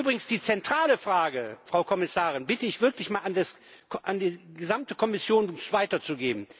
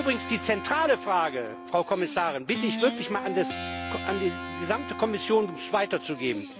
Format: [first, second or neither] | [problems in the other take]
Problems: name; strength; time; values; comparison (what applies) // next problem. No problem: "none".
first | background sound (Guitar); 8 dB below the speech